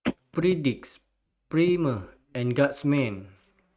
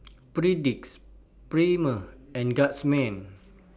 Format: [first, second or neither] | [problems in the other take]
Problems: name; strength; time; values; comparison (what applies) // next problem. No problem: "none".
second | noise reduction (neural mask model RNNoise)